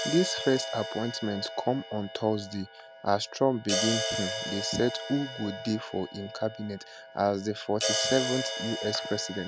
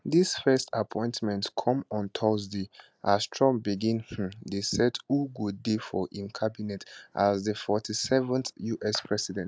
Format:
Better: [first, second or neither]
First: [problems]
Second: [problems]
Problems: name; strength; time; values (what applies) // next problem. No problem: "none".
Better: second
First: background sound (Crash cymbal); 5 dB below the speech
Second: none